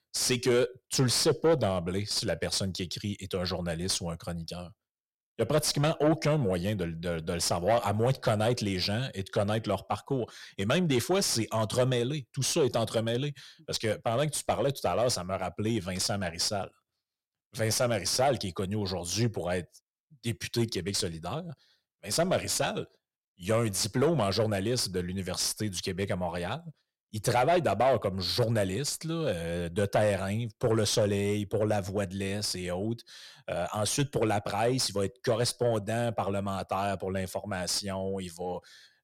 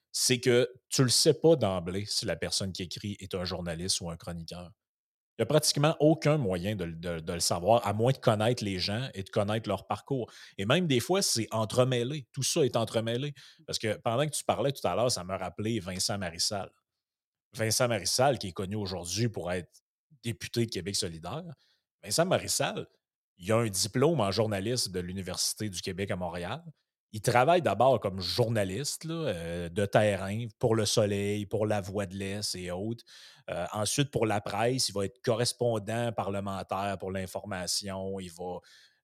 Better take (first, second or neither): second